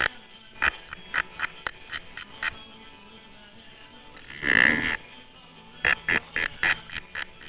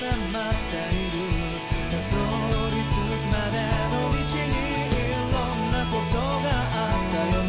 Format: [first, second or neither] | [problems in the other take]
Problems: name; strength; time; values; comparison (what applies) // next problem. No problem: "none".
second | noise reduction (neural separator model SepFormer WHAMR!)